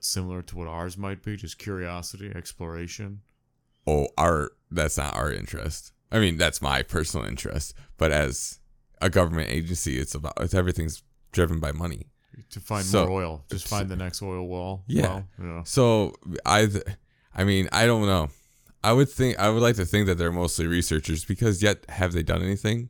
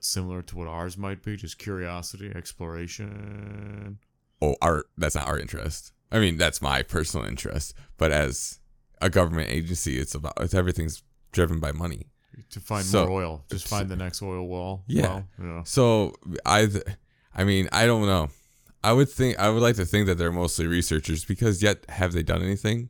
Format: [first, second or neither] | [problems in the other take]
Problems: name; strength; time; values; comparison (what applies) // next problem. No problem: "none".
first | audio freezing; at 3 s for 1 s